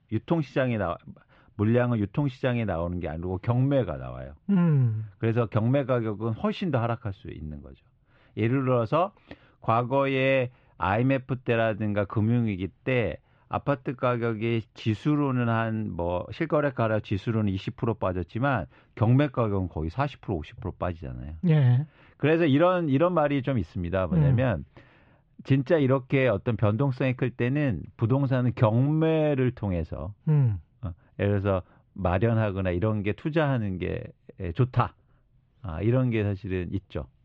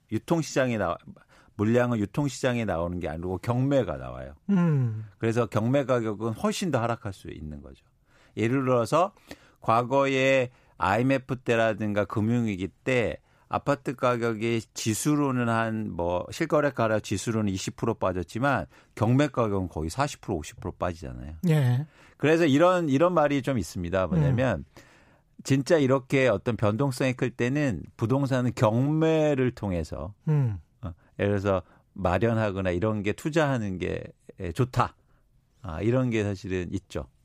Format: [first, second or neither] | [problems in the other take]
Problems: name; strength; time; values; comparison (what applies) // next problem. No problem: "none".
second | muffled; very; fading above 3.5 kHz